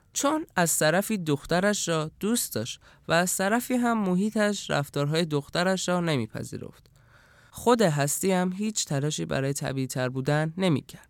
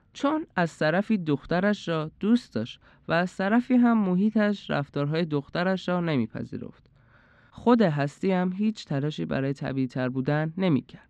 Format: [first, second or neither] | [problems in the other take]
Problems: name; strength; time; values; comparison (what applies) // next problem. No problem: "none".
first | muffled; slightly; fading above 3.5 kHz